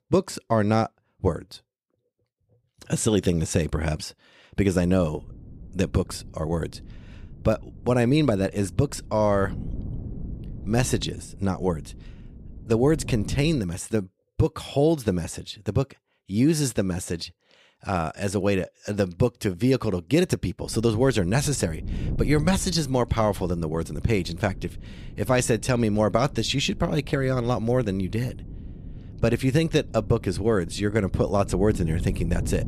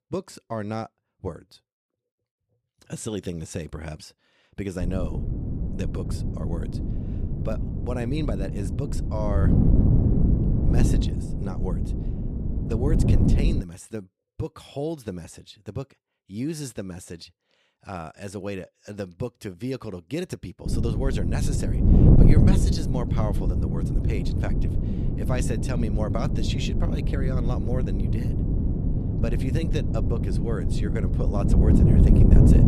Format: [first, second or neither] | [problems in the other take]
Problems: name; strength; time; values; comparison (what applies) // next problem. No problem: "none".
first | wind noise on the microphone; heavy; from 5 to 14 s and from 21 s on; 1 dB above the speech; occasional gusts in the first